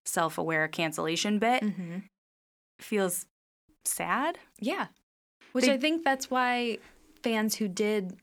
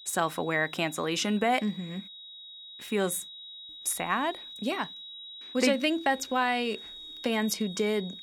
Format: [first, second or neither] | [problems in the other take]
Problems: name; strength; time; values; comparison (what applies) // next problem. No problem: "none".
first | high-pitched whine; noticeable; throughout; 4 kHz, 15 dB below the speech